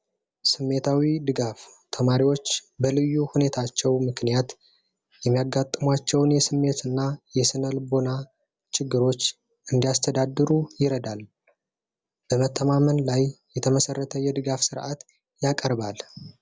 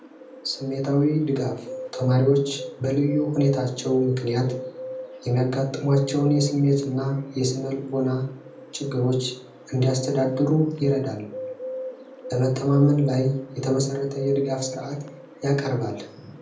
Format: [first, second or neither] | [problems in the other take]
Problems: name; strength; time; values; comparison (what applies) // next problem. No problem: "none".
first | background sound (Bird); 13 dB below the speech // room echo; dies away in 0.6 s